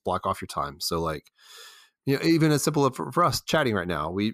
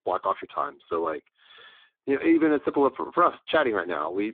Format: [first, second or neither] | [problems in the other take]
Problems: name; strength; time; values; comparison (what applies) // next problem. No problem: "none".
first | phone-call audio; poor line